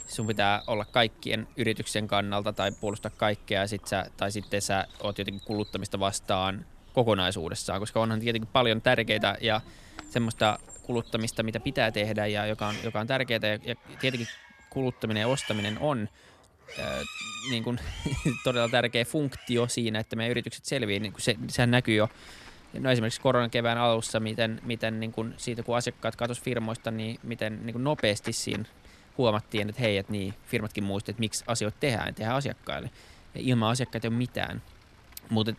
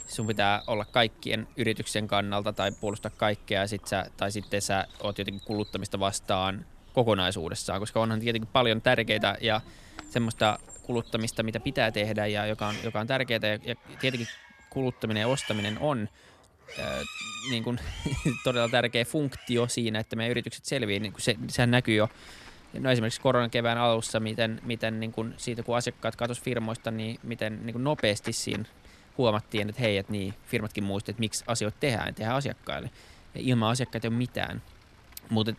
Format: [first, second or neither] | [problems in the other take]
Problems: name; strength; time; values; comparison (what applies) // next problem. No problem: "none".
neither | animal sounds; noticeable; throughout; 15 dB below the speech; the same in both